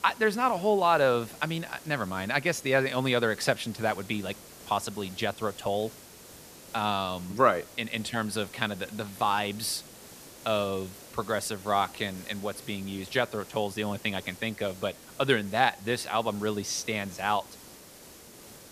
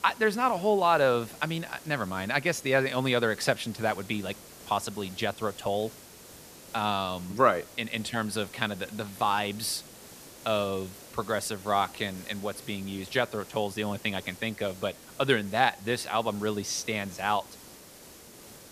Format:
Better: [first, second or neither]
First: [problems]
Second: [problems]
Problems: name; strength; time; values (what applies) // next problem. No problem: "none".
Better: neither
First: hiss; noticeable; throughout; 20 dB below the speech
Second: hiss; noticeable; throughout; 20 dB below the speech